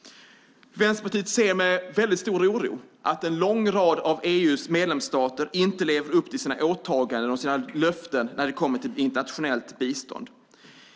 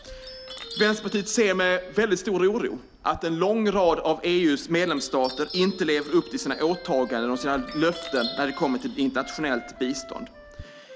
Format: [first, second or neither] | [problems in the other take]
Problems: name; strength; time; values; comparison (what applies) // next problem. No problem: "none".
first | background sound (Wind instrument, woodwind instrument + Chime); 15 dB below the speech